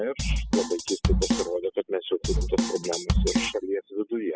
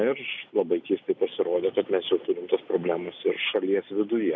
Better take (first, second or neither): second